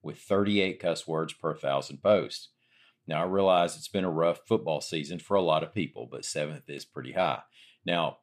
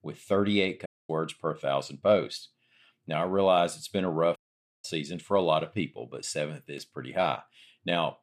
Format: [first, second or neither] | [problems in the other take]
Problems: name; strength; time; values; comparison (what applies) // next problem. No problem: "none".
first | audio cutting out; at 1 s and at 4.5 s